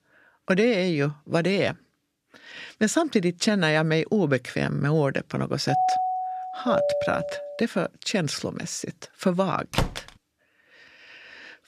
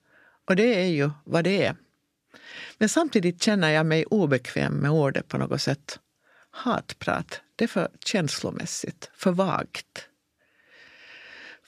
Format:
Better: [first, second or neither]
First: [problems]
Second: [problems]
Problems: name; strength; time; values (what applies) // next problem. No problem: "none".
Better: second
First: doorbell; loud; from 5.5 to 7.5 s; peak 2 dB above the speech // door banging; noticeable; at 9.5 s; peak 3 dB below the speech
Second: none